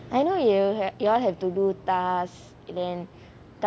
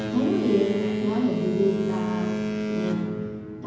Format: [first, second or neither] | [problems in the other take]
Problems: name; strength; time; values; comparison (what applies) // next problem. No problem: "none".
first | background sound (Boat, Water vehicle); 1 dB below the speech // room echo; dies away in 1.2 s